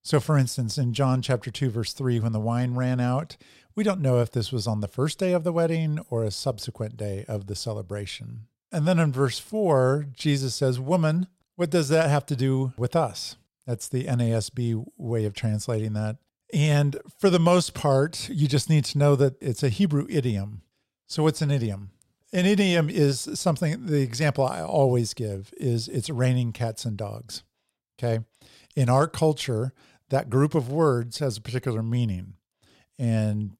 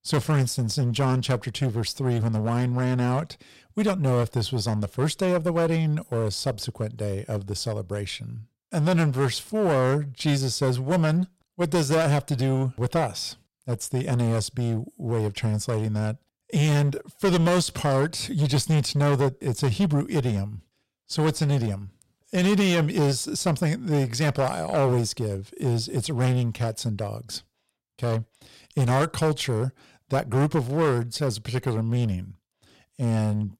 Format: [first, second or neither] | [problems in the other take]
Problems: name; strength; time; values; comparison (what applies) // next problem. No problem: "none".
first | distortion; slight; 11% of the sound clipped